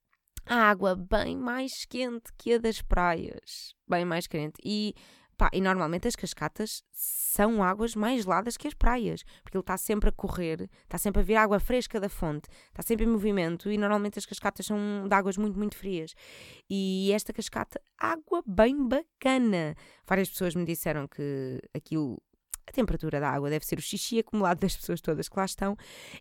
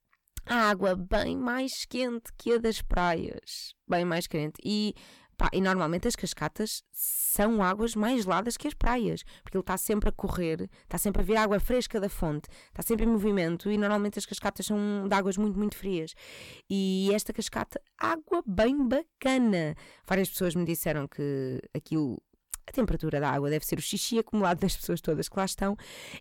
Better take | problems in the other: first | distortion; slight; 10 dB below the speech

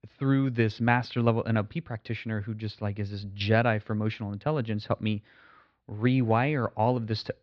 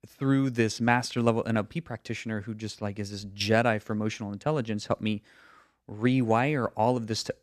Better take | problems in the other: second | muffled; very slightly; fading above 4.5 kHz

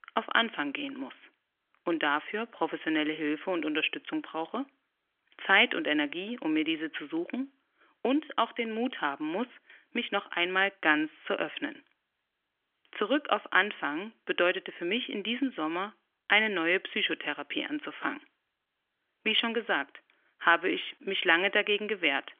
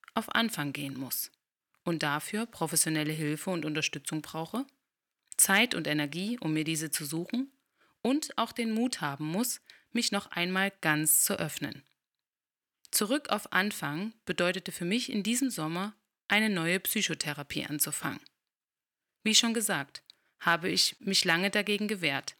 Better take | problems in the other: second | phone-call audio; nothing above 3.5 kHz

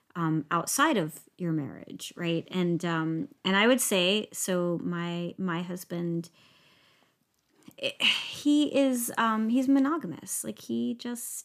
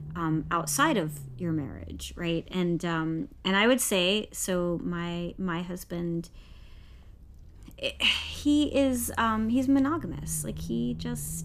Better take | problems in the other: first | low rumble; faint; throughout; 25 dB below the speech

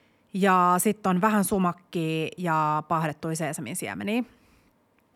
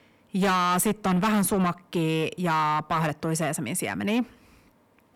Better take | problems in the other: first | distortion; heavy; 7 dB below the speech

